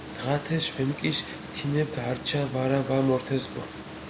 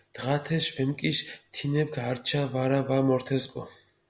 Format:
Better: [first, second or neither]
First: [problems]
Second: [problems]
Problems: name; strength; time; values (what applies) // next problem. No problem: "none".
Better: second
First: background sound (Boat, Water vehicle); 11 dB below the speech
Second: none